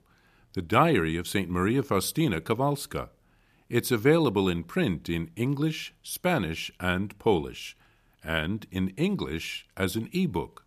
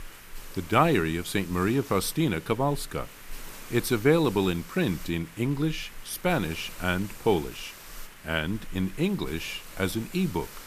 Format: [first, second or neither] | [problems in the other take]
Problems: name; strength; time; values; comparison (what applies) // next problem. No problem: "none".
first | hiss; noticeable; throughout; 15 dB below the speech